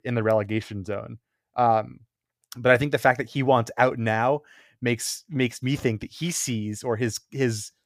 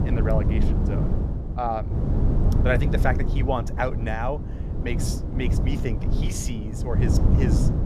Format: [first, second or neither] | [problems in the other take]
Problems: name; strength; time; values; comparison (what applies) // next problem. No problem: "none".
first | wind noise on the microphone; heavy; 5 dB below the speech